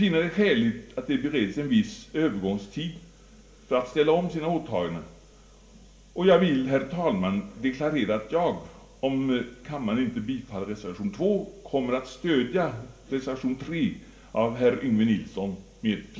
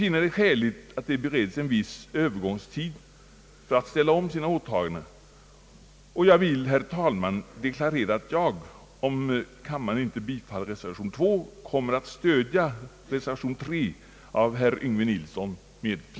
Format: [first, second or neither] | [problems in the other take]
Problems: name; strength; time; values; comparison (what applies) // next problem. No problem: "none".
second | room echo; dies away in 0.5 s